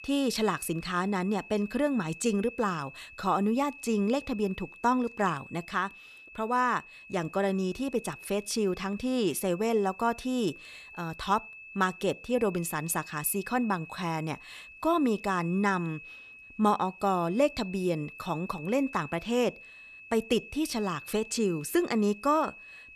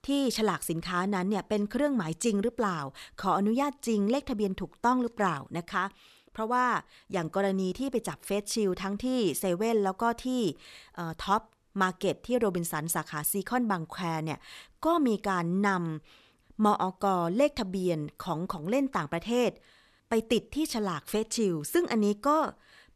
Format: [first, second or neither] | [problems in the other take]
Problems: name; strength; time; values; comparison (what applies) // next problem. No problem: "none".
second | high-pitched whine; noticeable; throughout; 2.5 kHz, 15 dB below the speech